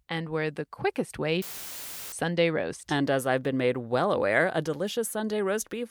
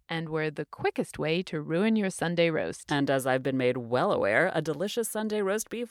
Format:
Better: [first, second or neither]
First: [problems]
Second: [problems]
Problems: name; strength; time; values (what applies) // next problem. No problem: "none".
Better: second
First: audio cutting out; filled with static; at 1.5 s for 0.5 s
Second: none